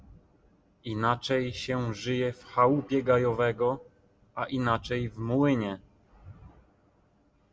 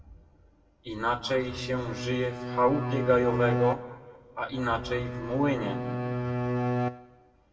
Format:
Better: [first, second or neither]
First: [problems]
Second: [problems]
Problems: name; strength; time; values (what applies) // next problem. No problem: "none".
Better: first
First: none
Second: background sound (Bowed string instrument); 2 dB below the speech // room echo; dies away in 1.2 s